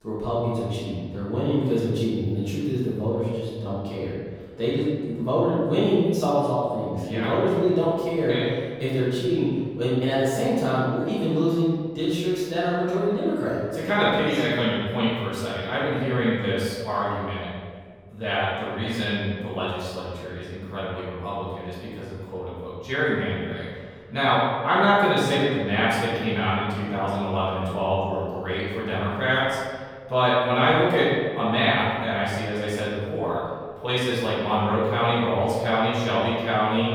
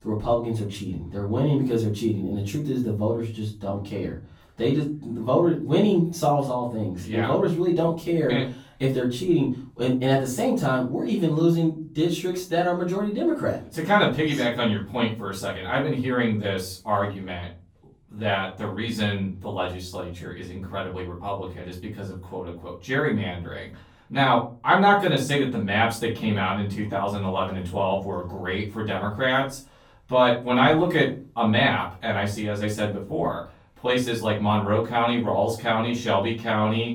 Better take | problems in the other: second | room echo; strong; dies away in 1.6 s; slight in the second // off-mic speech; far; far in the second

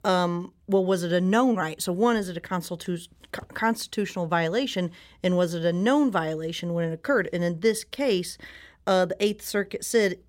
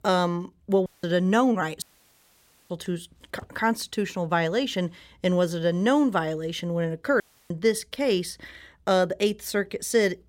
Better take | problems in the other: first | audio cutting out; at 1 s, at 2 s for 1 s and at 7 s

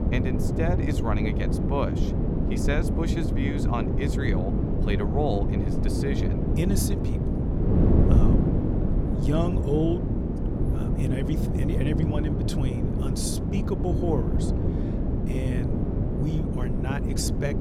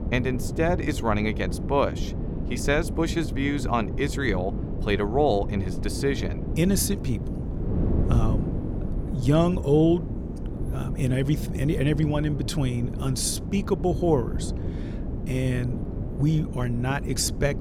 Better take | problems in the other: second | wind noise on the microphone; heavy; as loud as the speech; occasional gusts in the second

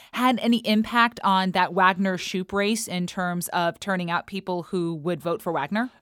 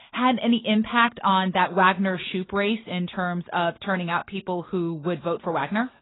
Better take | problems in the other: first | garbled, watery; badly; nothing above 4 kHz

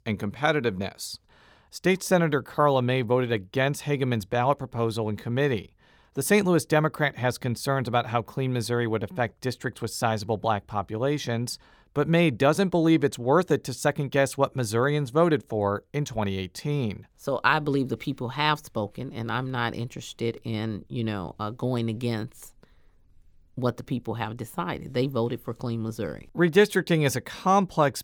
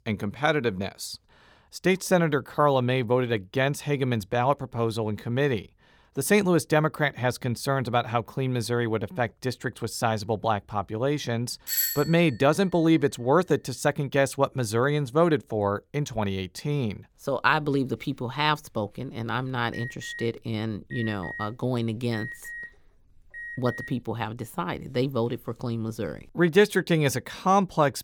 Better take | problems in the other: first | doorbell; loud; at 12 s; peak 2 dB above the speech // alarm; noticeable; from 20 to 24 s; peak 10 dB below the speech

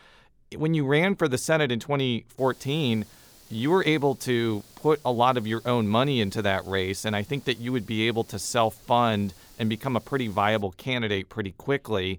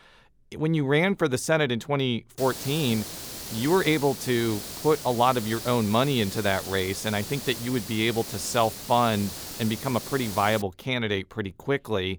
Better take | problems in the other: first | hiss; loud; from 2.5 to 11 s; 9 dB below the speech; faint in the first

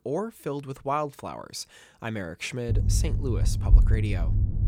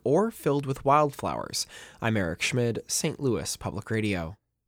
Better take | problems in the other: second | low rumble; loud; from 2.5 s on; 9 dB below the speech

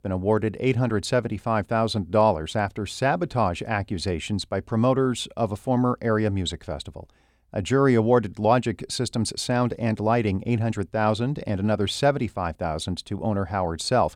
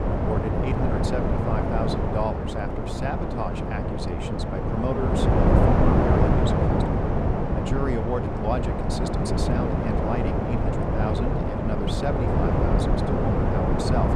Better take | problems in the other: first | wind noise on the microphone; heavy; 5 dB above the speech

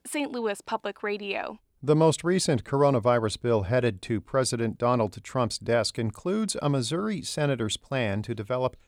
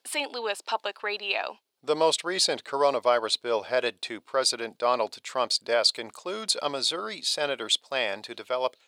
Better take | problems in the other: first | thin; very; fading below 600 Hz

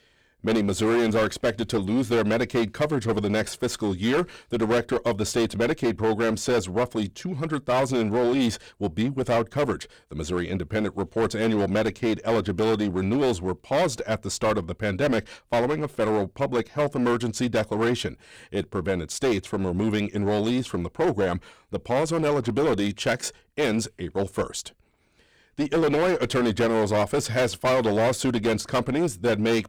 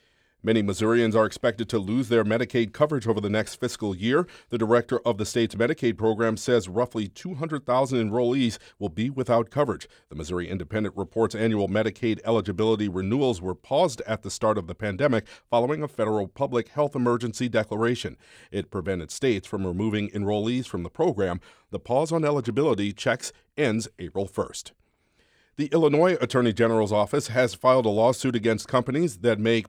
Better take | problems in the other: second | distortion; heavy; 16% of the sound clipped

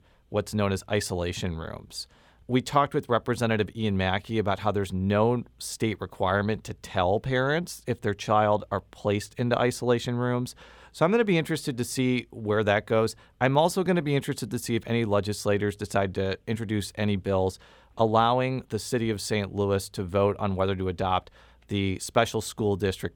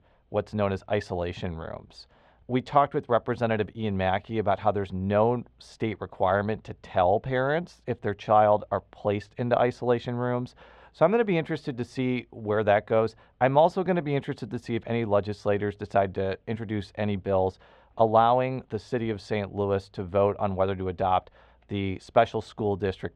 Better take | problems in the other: first | muffled; slightly; fading above 3 kHz

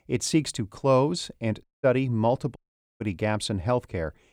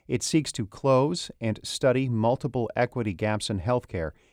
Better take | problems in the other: second | audio cutting out; at 1.5 s and at 2.5 s

